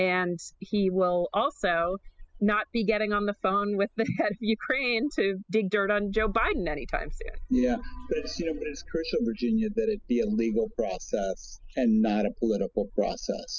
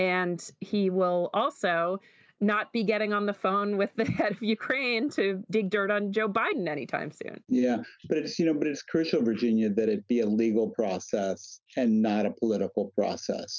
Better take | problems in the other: second | noise reduction (classical method spectral subtraction)

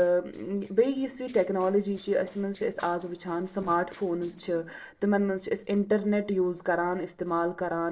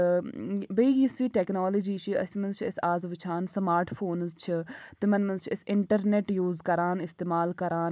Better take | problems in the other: second | noise reduction (neural separator model SepFormer DNS4)

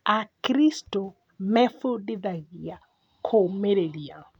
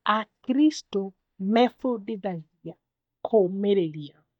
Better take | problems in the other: first | noise reduction (neural mask model DeepFilterNet 3)

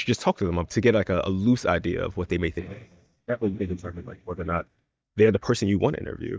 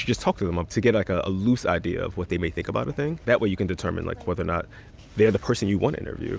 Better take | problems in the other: second | noise reduction (neural mask model DeepFilterNet 3)

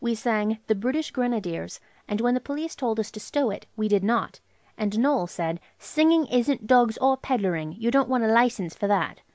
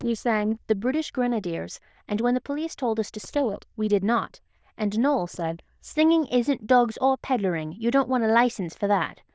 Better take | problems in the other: first | noise reduction (neural diffusion model UNIVERSE++)

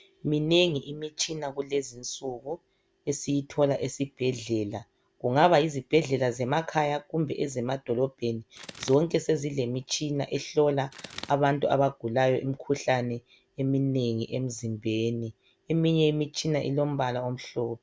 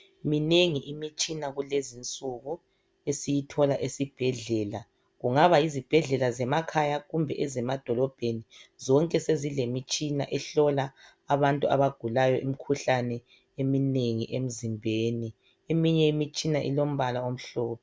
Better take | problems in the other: second | background sound (Bird); 15 dB below the speech

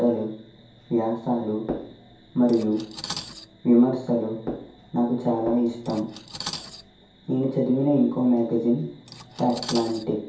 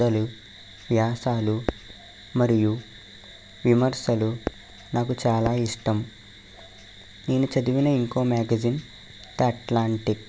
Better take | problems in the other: second | background sound (Cutlery, silverware); 17 dB below the speech // room echo; dies away in 0.6 s

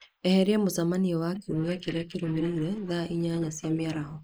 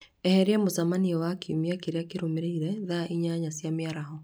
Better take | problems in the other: second | noise reduction (neural mask model Resemble Enhance denoiser)

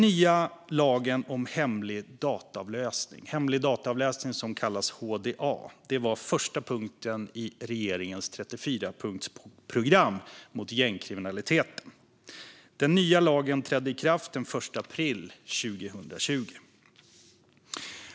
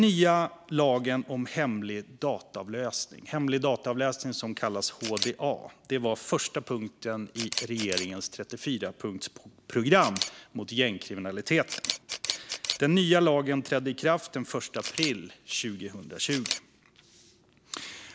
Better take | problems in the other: first | background sound (Camera); 12 dB below the speech

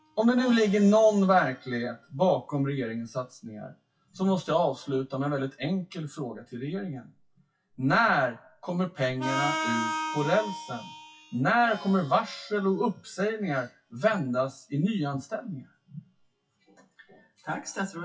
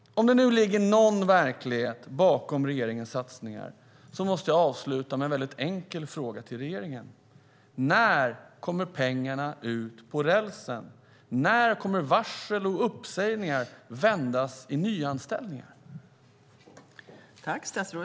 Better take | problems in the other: second | noise reduction (classical method WPE with log-MMSE)

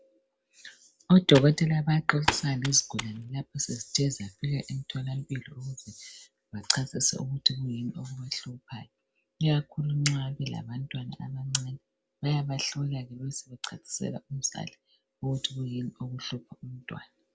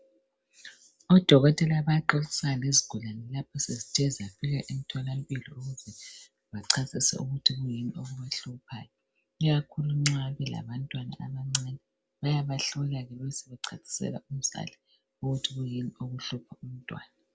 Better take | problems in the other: second | background sound (Computer keyboard); 7 dB below the speech

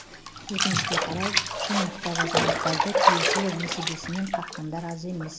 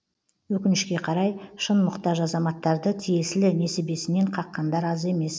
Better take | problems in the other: second | background sound (Bathtub (filling or washing)); 5 dB above the speech

